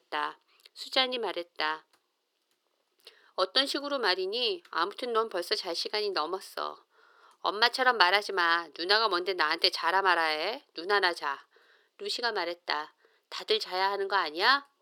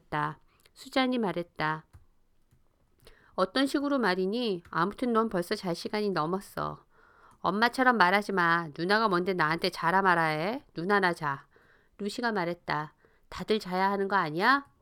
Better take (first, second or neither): second